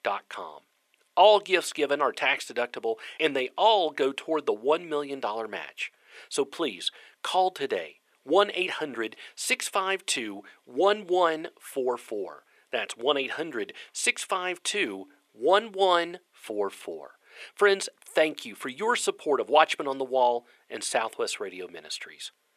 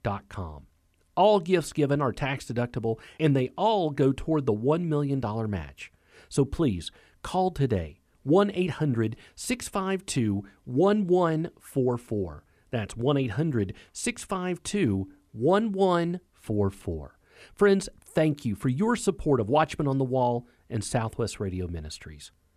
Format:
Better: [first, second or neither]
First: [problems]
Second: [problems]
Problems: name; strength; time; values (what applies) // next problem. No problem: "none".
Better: second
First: thin; very; fading below 450 Hz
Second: none